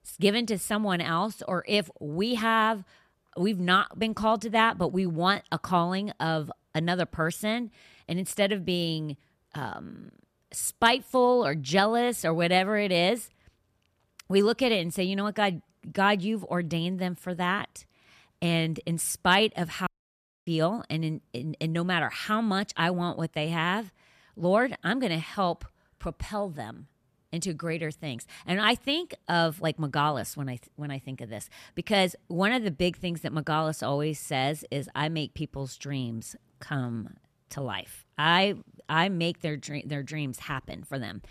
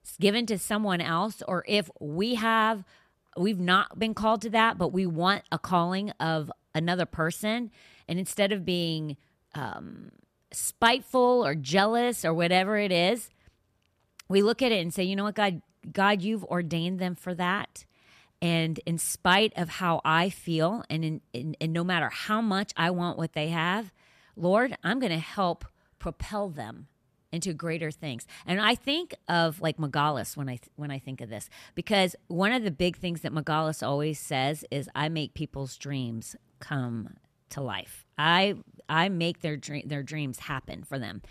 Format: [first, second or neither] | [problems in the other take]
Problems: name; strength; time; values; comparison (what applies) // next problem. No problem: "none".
second | audio cutting out; at 20 s for 0.5 s